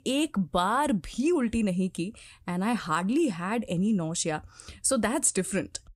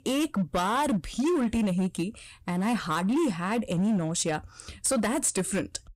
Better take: first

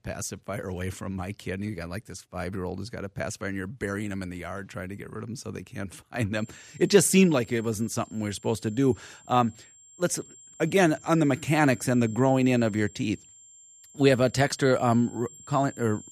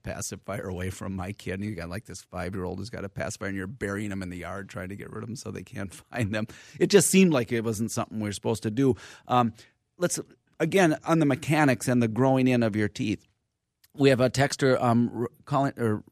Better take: second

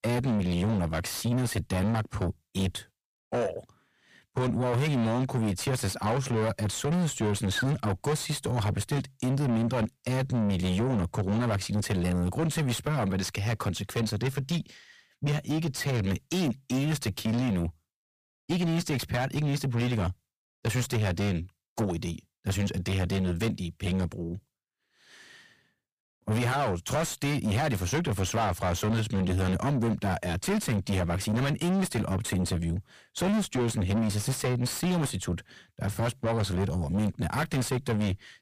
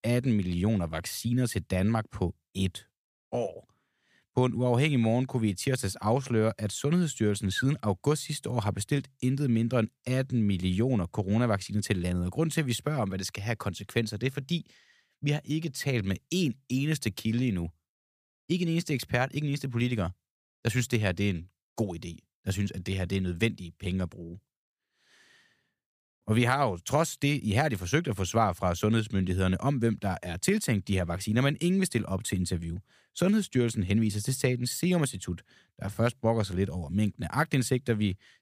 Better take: second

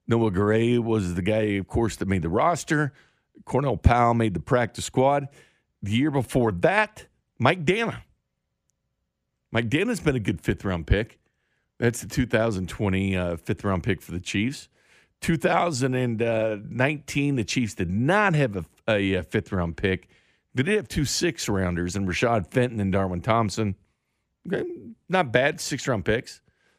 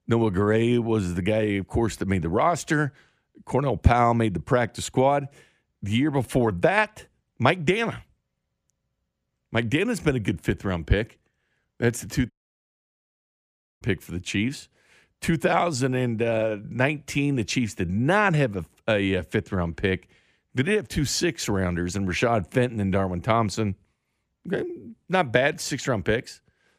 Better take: first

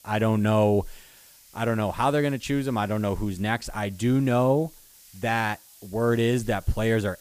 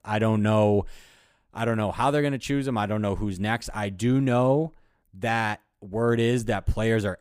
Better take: second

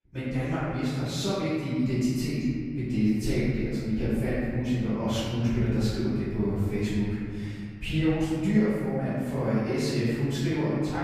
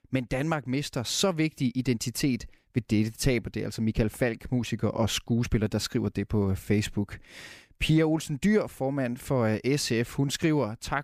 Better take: second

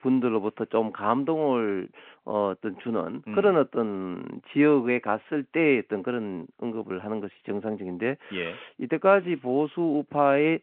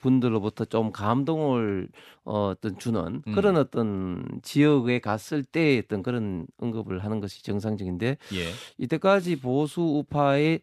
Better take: second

